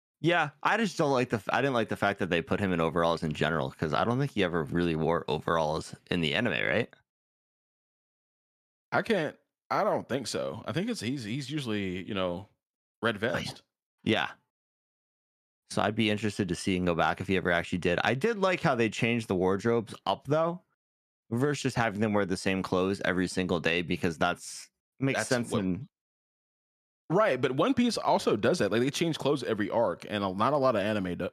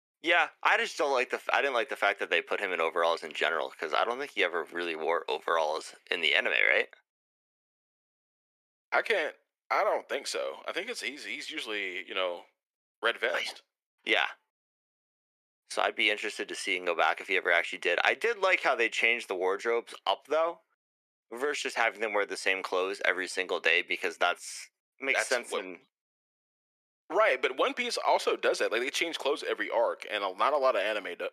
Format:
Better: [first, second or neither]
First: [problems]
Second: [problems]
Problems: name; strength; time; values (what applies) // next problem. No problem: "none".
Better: first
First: none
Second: thin; very; fading below 400 Hz